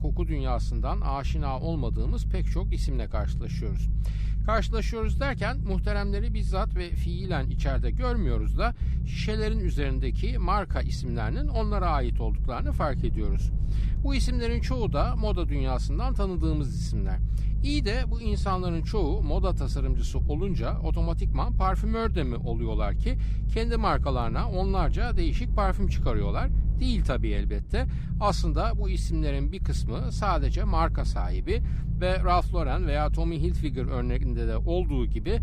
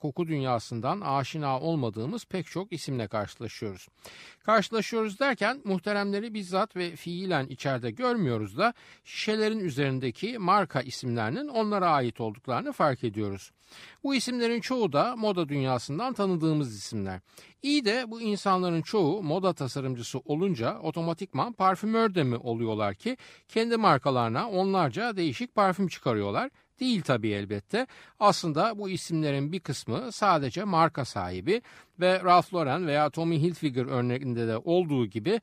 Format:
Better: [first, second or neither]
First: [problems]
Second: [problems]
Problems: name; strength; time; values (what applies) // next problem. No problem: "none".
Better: second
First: low rumble; noticeable; throughout; 15 dB below the speech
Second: none